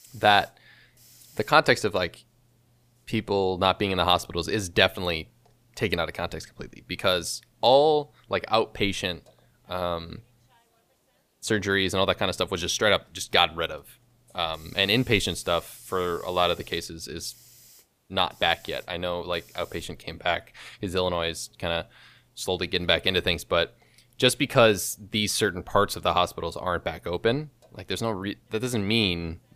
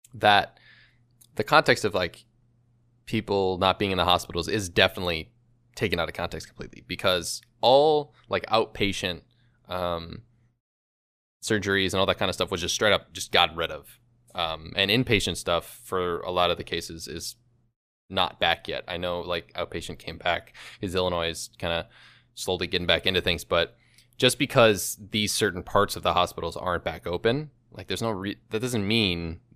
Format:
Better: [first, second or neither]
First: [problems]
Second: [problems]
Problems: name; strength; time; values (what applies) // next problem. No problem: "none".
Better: second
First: hiss; faint; throughout; 30 dB below the speech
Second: none